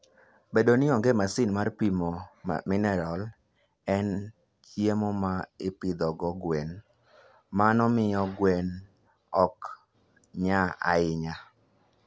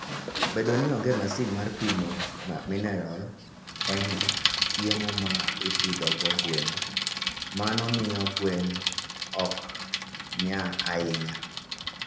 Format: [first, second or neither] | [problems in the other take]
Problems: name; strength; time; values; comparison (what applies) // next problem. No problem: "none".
first | background sound (Bicycle); as loud as the speech // room echo; dies away in 0.7 s